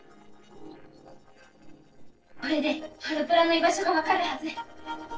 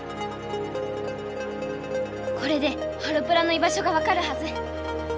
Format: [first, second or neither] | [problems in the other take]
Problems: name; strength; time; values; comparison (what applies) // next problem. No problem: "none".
second | noise reduction (neural separator model SepFormer DNS4)